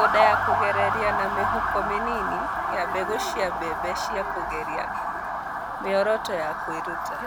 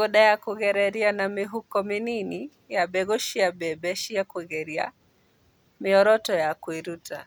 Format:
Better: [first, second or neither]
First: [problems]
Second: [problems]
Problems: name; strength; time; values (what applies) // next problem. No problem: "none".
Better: second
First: background sound (Motor vehicle (road) / Siren); 3 dB above the speech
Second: none